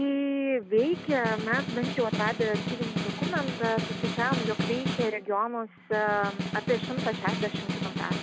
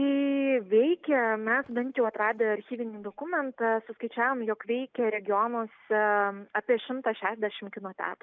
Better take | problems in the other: second | background sound (Snare drum); 3 dB below the speech

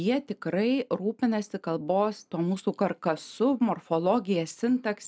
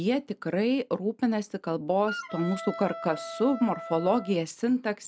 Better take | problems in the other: first | background sound (Wind instrument, woodwind instrument); 12 dB below the speech

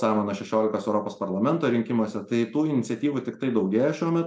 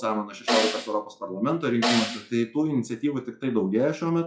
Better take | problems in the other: first | noise reduction (classical method log-MMSE)

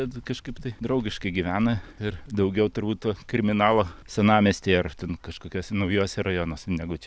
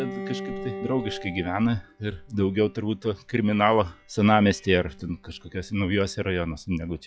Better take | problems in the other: first | noise reduction (classical method log-MMSE)

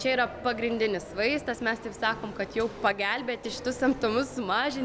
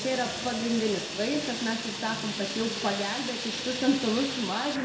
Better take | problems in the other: first | background sound (Fire); 6 dB below the speech // room echo; dies away in 0.6 s

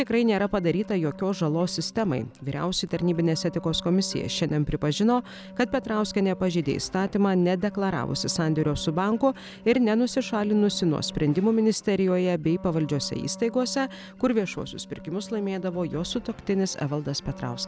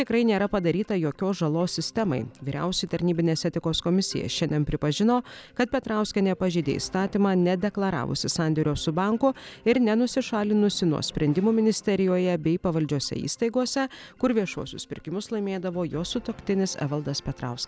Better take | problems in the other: second | background sound (Wind instrument, woodwind instrument); 18 dB below the speech

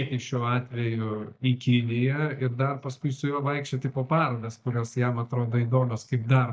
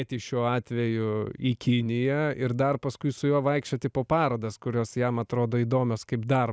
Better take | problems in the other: second | noise reduction (neural mask model DeepFilterNet 3)

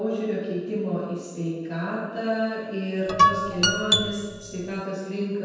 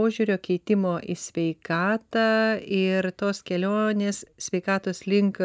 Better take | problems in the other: second | background sound (Guitar); 5 dB above the speech // room echo; dies away in 1.2 s

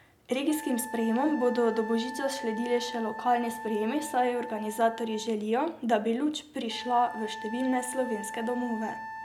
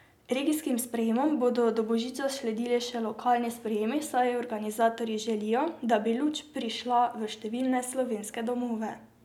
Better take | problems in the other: second | background sound (Wind instrument, woodwind instrument); 12 dB below the speech

